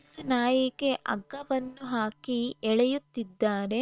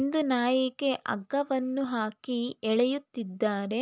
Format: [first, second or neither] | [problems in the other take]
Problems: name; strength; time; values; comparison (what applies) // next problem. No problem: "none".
second | noise reduction (neural separator model SepFormer WHAM!)